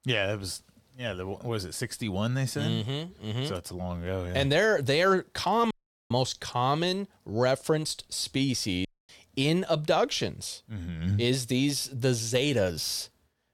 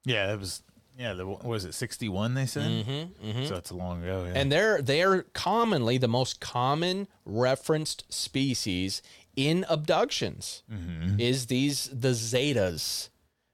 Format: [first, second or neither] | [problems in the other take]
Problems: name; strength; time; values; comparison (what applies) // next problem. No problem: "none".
second | audio cutting out; at 5.5 s and at 9 s